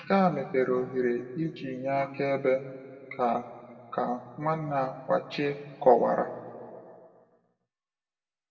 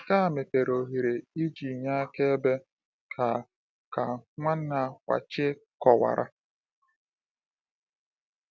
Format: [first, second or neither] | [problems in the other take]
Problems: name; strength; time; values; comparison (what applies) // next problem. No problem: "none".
second | room echo; dies away in 1.8 s